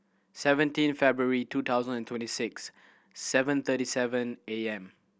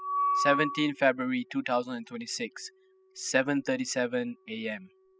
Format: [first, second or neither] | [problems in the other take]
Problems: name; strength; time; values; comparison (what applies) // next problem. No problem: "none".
first | noise reduction (classical method spectral subtraction)